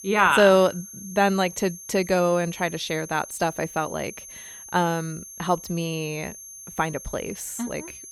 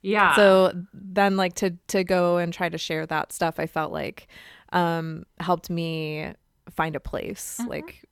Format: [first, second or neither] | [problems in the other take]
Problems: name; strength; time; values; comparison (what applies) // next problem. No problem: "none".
second | high-pitched whine; noticeable; throughout; 6.5 kHz, 15 dB below the speech